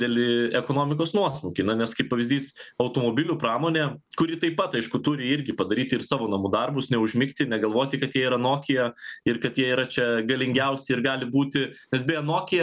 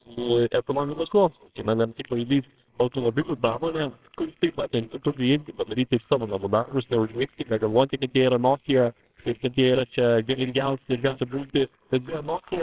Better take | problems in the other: first | noise reduction (neural separator model SepFormer WHAMR!)

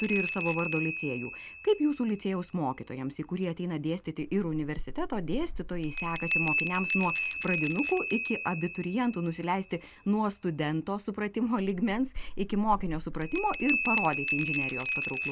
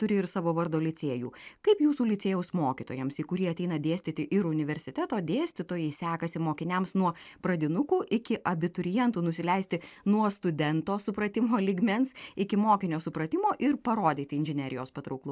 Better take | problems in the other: second | background sound (Bell); 4 dB below the speech

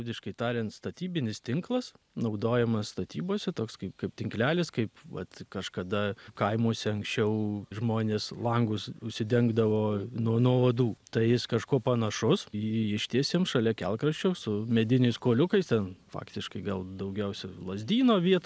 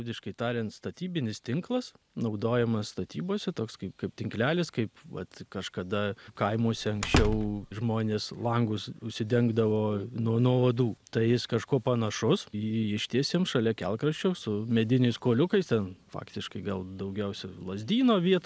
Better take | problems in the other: first | background sound (Slam); 3 dB below the speech

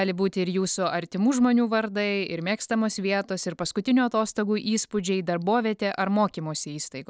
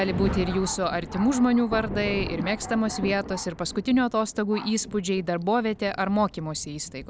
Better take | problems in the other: first | background sound (Thunder); 10 dB below the speech

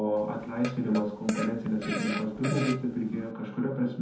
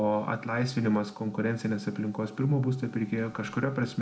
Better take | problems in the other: second | background sound (Fart); 7 dB below the speech // room echo; dies away in 0.5 s

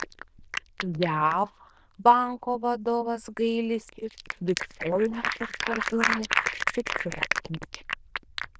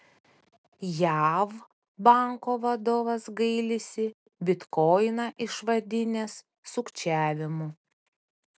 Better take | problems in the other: second | noise reduction (neural diffusion model UNIVERSE++)

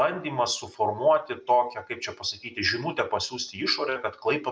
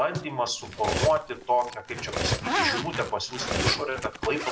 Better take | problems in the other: first | background sound (Cutlery, silverware + Zipper (clothing)); 2 dB below the speech

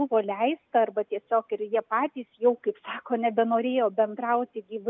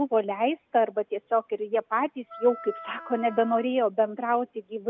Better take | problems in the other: first | background sound (Wind instrument, woodwind instrument); 16 dB below the speech

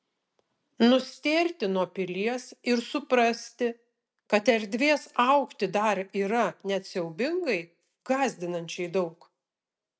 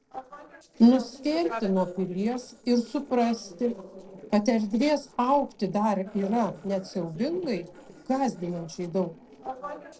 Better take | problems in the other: first | noise reduction (neural separator model SepFormer DNS4)

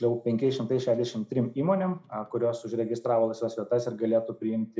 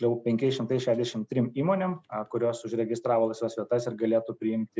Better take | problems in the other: second | room echo; dies away in 0.6 s

